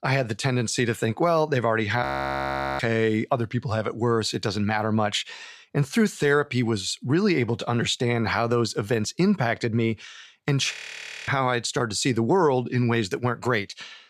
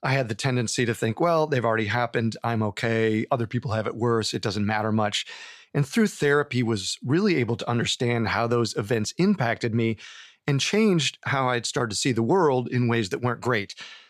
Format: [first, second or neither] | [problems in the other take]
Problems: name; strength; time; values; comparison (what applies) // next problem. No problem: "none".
second | audio freezing; at 2 s for 1 s and at 11 s for 0.5 s